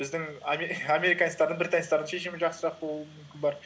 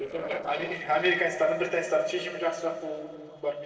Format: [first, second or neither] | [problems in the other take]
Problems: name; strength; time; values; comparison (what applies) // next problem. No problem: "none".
first | noise reduction (neural separator model SepFormer DNS4)